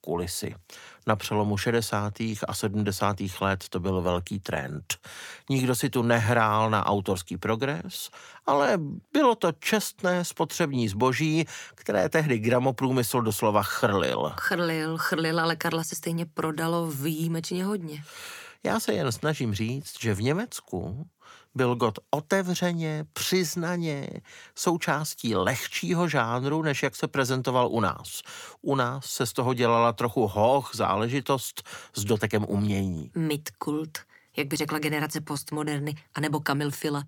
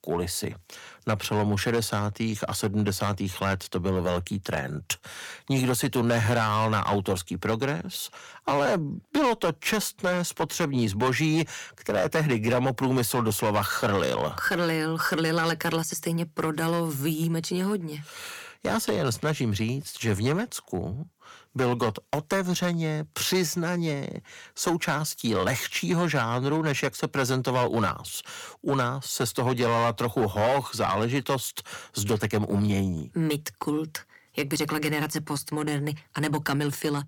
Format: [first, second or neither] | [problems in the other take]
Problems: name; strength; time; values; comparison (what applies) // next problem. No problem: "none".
first | distortion; slight; 6% of the sound clipped